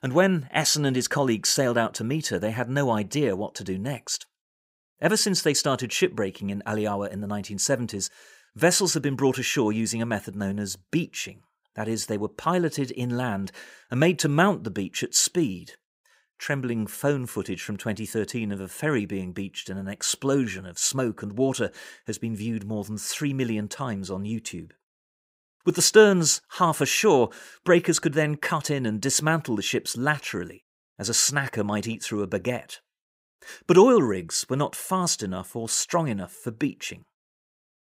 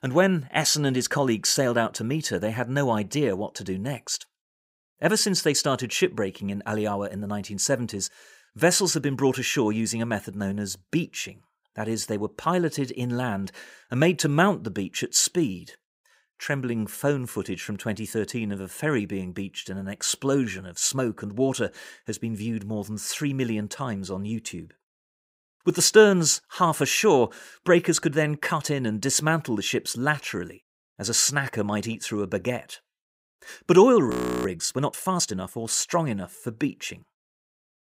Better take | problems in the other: first | audio freezing; at 34 s

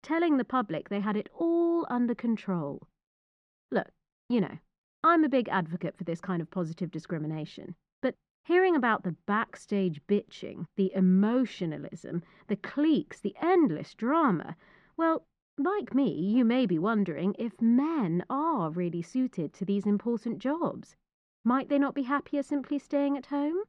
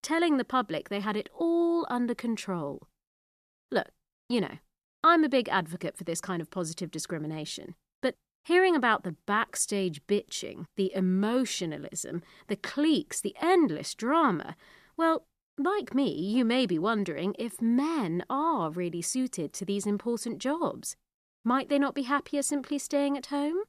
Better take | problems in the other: second | muffled; very; fading above 2.5 kHz

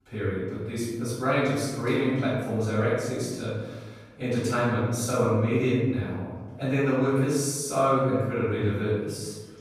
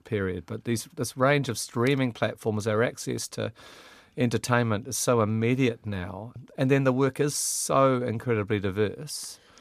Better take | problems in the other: second | off-mic speech; far // room echo; strong; dies away in 1.2 s

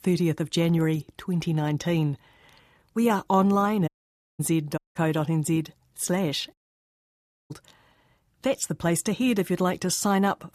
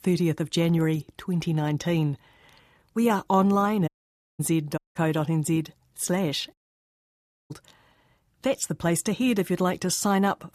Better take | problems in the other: neither | audio cutting out; at 4 s for 0.5 s, at 5 s and at 6.5 s for 1 s; the same in both

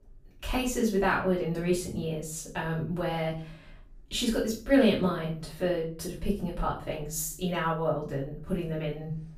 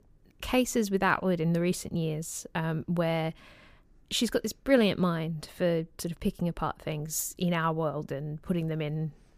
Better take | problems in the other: second | off-mic speech; far // room echo; slight; dies away in 0.4 s

